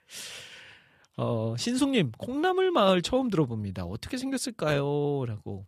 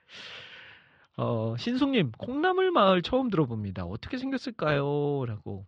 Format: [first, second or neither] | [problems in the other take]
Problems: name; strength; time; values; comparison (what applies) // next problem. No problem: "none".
first | muffled; slightly; fading above 4 kHz